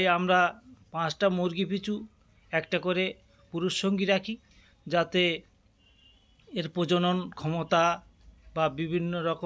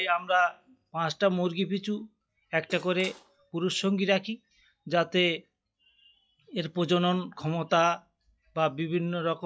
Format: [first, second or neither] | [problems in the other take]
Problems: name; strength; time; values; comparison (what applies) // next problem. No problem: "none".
first | noise reduction (classical method log-MMSE)